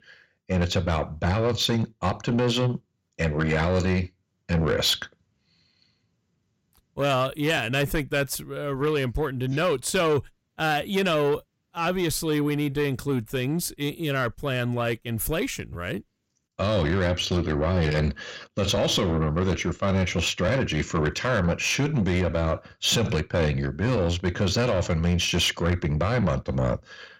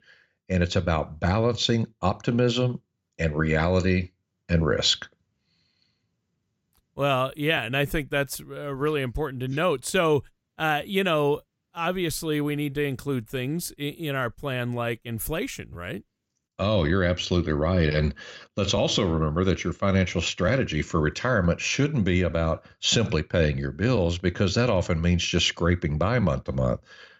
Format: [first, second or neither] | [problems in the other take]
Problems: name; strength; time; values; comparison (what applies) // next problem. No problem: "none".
second | distortion; slight; 10 dB below the speech